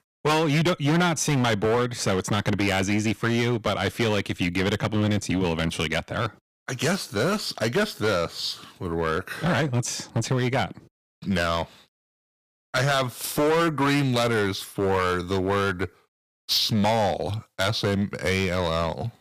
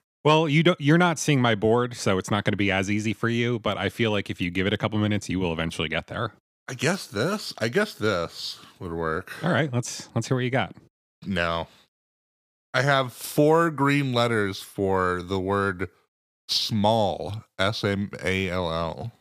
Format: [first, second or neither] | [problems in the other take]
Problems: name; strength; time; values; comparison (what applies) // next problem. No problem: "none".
second | distortion; heavy; 11% of the sound clipped